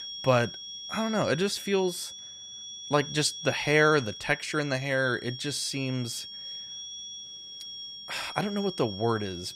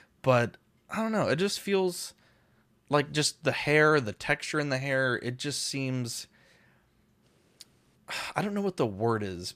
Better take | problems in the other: second | high-pitched whine; noticeable; throughout; 3.5 kHz, 10 dB below the speech

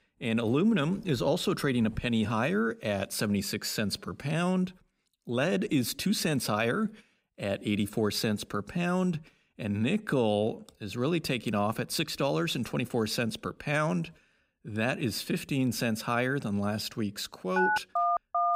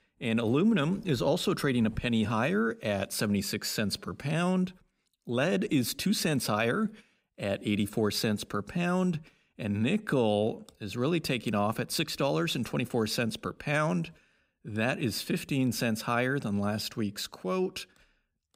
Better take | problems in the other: second | phone ringing; loud; from 18 s on; peak 2 dB above the speech

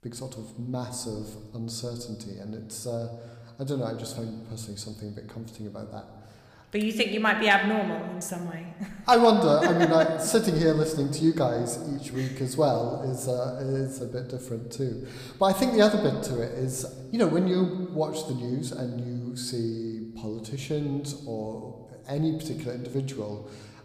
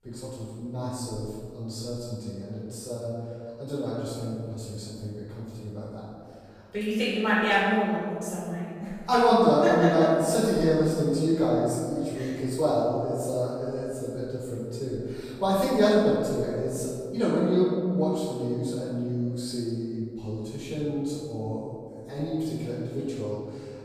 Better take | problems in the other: first | room echo; strong; dies away in 2.1 s; slight in the first // off-mic speech; far

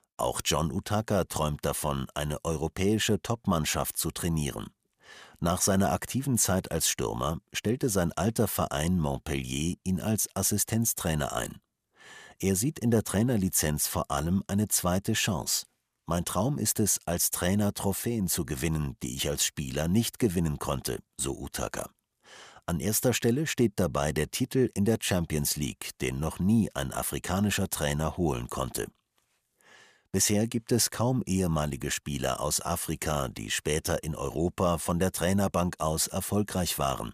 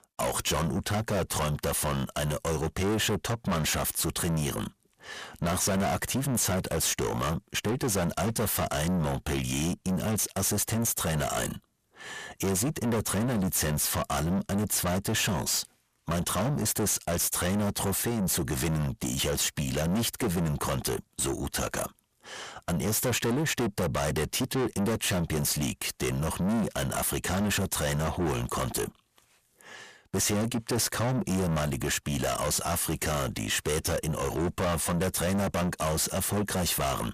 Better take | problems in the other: first | distortion; heavy; 5 dB below the speech

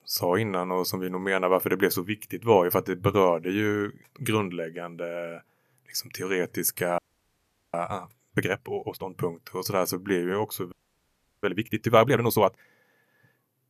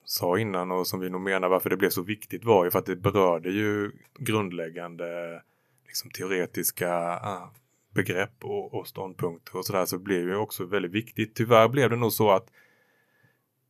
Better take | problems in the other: second | audio freezing; at 7 s for 1 s and at 11 s for 0.5 s

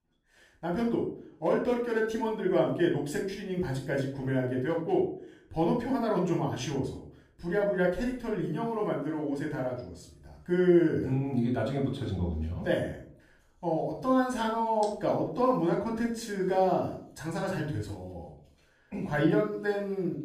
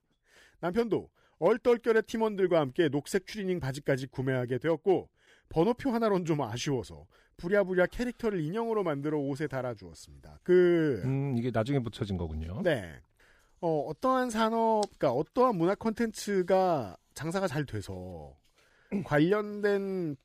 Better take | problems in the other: second | off-mic speech; far // room echo; noticeable; dies away in 0.4 s

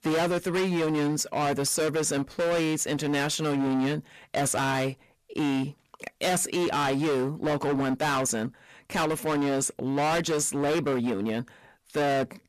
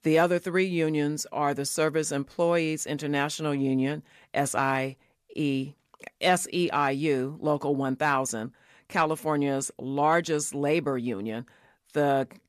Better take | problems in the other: second | distortion; heavy; 26% of the sound clipped

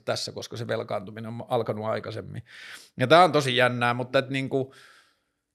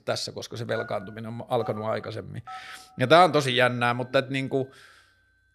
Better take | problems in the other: first | alarms or sirens; faint; throughout; 20 dB below the speech

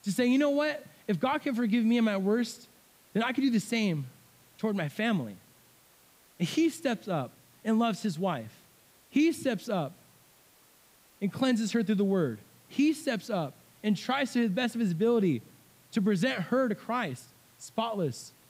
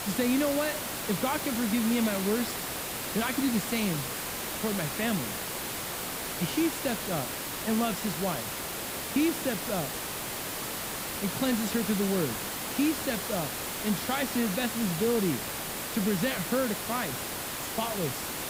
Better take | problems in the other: first | hiss; loud; throughout; 2 dB below the speech; faint in the first

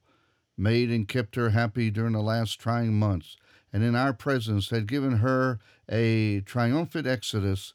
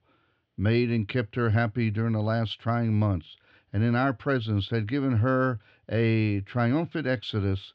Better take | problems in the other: first | muffled; slightly; fading above 3.5 kHz

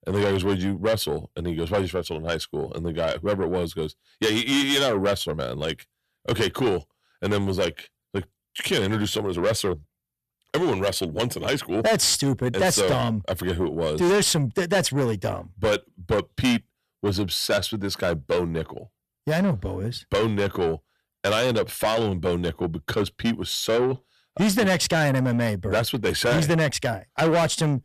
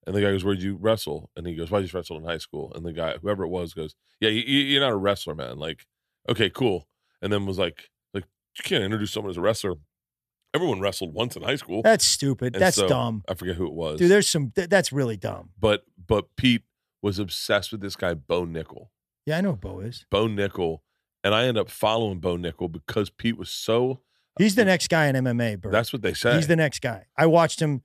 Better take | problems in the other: second | distortion; heavy; 7 dB below the speech

